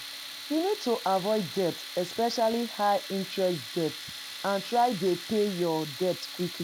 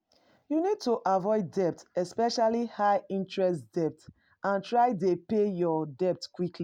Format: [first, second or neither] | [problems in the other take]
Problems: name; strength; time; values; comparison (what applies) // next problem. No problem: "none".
second | background sound (Tools); 11 dB below the speech